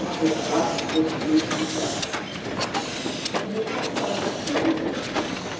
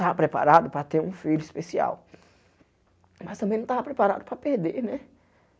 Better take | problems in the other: second | background sound (Hiss); as loud as the speech // room echo; dies away in 1.1 s

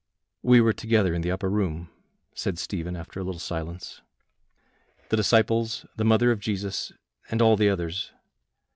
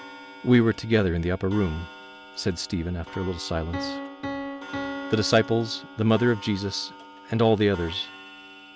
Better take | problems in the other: first | background sound (Piano + Clock); 13 dB below the speech

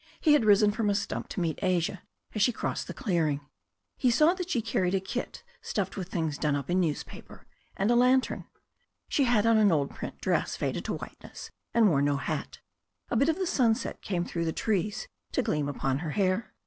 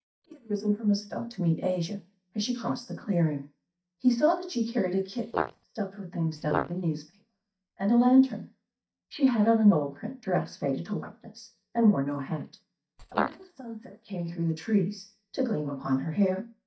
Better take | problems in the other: first | noise reduction (neural mask model DeepFilterNet 3)

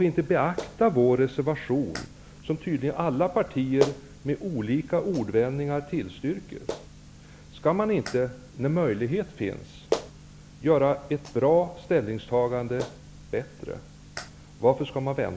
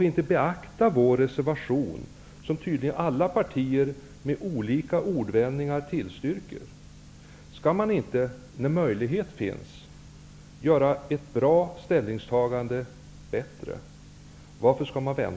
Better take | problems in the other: second | background sound (Clapping); 14 dB below the speech

